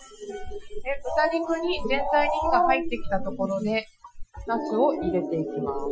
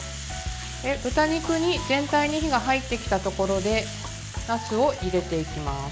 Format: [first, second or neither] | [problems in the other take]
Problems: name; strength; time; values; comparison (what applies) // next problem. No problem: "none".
second | noise reduction (classical method Wiener filter)